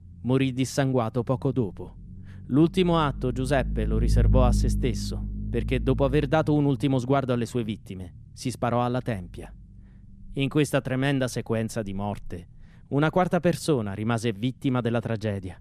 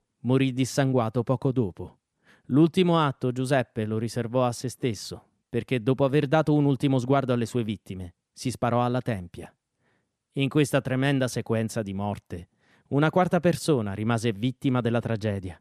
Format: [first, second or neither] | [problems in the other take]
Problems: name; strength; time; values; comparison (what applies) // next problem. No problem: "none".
second | low rumble; noticeable; throughout; 15 dB below the speech